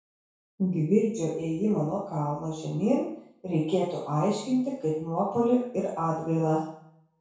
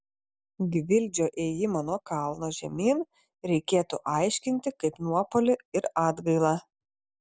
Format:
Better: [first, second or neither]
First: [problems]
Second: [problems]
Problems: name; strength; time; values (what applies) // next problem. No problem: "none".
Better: second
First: room echo; dies away in 0.6 s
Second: none